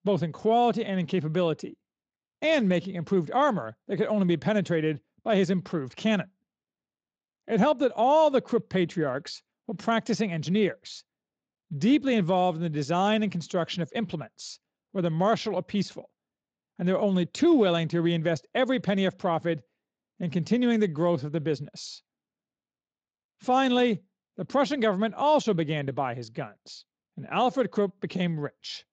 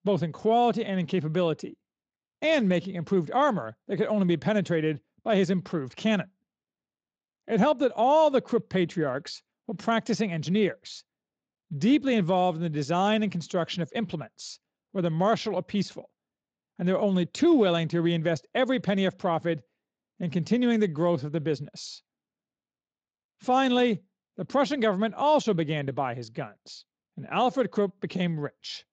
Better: neither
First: garbled, watery; slightly; nothing above 7.5 kHz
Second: garbled, watery; slightly; nothing above 7.5 kHz

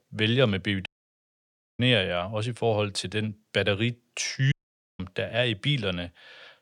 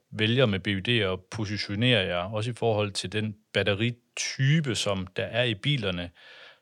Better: second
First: audio cutting out; at 1 s for 1 s and at 4.5 s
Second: none

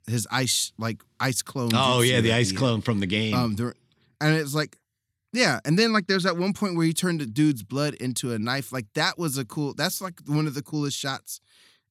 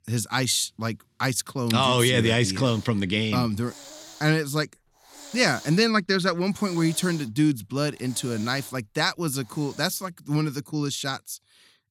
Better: first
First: none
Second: hiss; noticeable; from 2.5 to 10 s; 20 dB below the speech

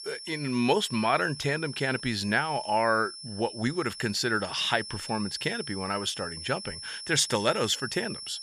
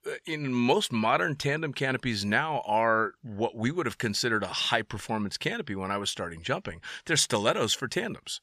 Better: second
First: high-pitched whine; noticeable; throughout; 5.5 kHz, 10 dB below the speech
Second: none

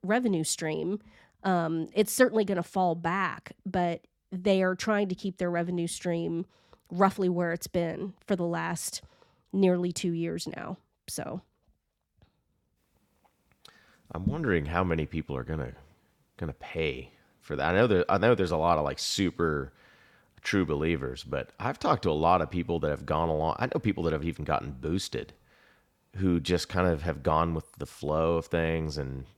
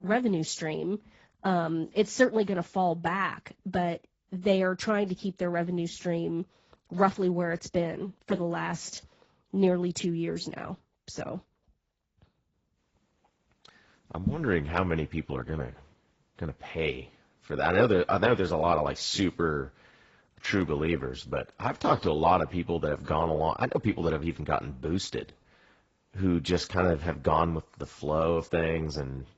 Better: first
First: none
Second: garbled, watery; badly; nothing above 7.5 kHz

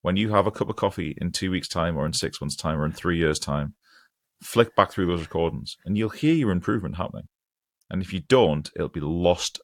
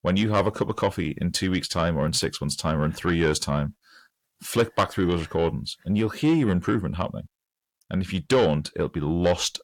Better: first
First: none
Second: distortion; slight; 10 dB below the speech

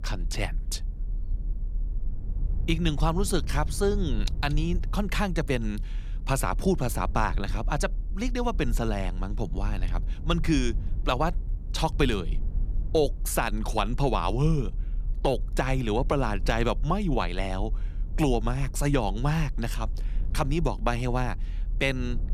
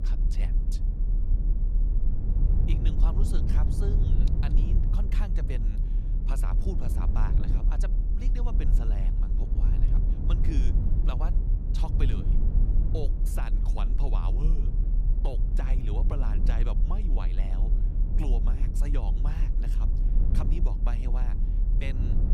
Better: first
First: low rumble; faint; throughout; 25 dB below the speech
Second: low rumble; loud; throughout; 2 dB below the speech

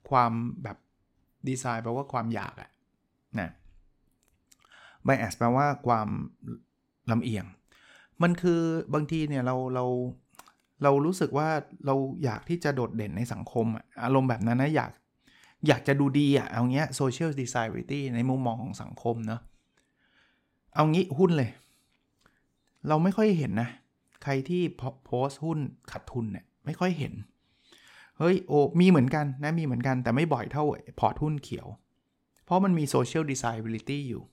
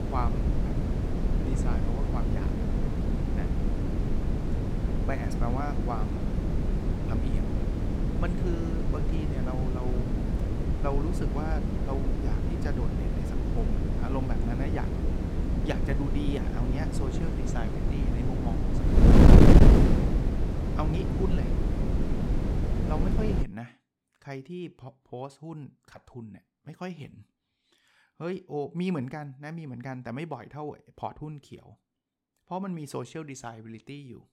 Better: first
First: none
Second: wind noise on the microphone; heavy; until 23 s; 4 dB above the speech

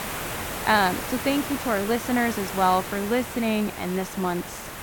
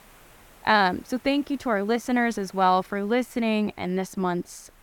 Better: second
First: hiss; loud; throughout; 7 dB below the speech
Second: hiss; faint; throughout; 30 dB below the speech

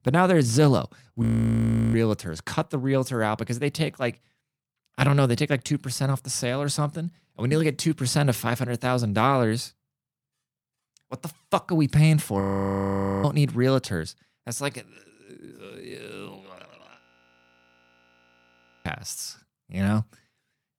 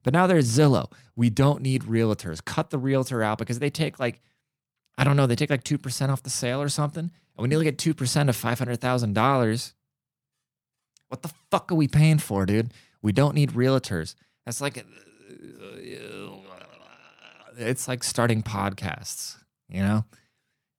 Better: second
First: audio freezing; at 1 s for 0.5 s, at 12 s for 1 s and at 17 s for 2 s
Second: none

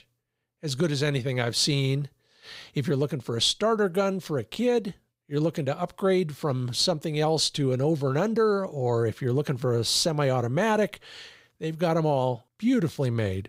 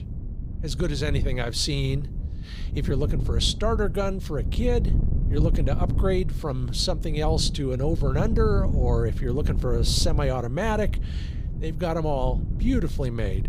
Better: first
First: none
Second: wind noise on the microphone; occasional gusts; 15 dB below the speech

